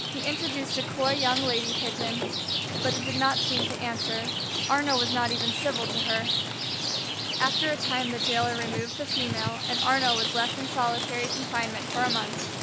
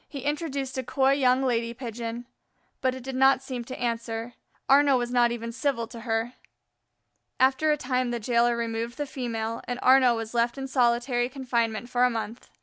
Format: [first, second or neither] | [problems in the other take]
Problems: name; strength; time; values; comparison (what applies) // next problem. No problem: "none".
second | background sound (Rain); 1 dB above the speech